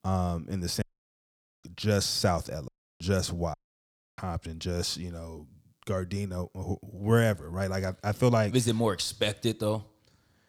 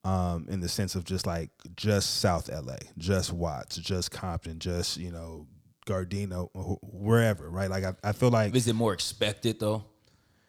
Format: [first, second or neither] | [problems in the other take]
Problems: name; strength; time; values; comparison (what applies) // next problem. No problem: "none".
second | audio cutting out; at 1 s for 1 s, at 2.5 s and at 3.5 s for 0.5 s